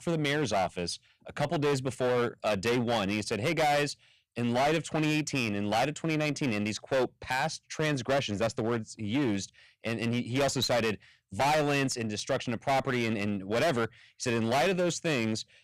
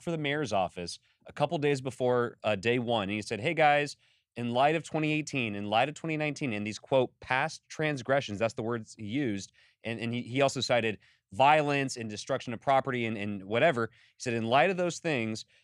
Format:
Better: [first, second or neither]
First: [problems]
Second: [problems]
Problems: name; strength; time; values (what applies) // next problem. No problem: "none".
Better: second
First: distortion; heavy; 16% of the sound clipped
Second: none